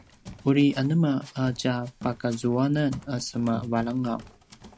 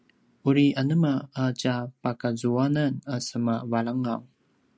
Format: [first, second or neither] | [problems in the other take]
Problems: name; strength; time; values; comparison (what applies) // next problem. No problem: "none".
second | background sound (Run); 19 dB below the speech